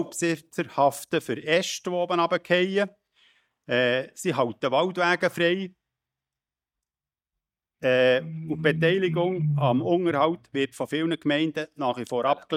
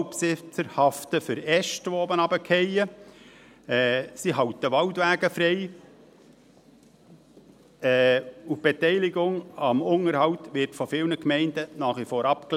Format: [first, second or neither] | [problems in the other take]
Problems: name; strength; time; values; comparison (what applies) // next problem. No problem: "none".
second | noise reduction (neural mask model DeepFilterNet 3)